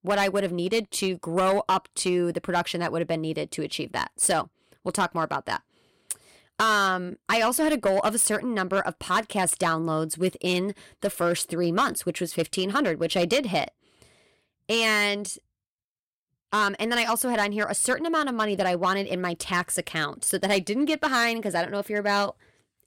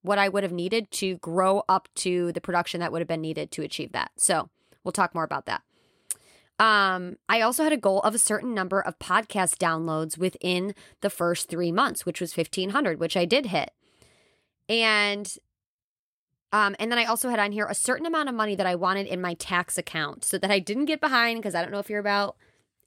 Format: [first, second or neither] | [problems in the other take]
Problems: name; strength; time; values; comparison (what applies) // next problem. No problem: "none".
second | distortion; slight; 4% of the sound clipped